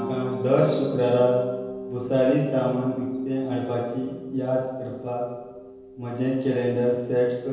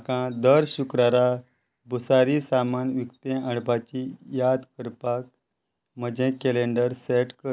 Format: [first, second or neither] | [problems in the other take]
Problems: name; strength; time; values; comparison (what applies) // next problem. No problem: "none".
second | background sound (Mallet percussion); 12 dB below the speech // room echo; dies away in 1.2 s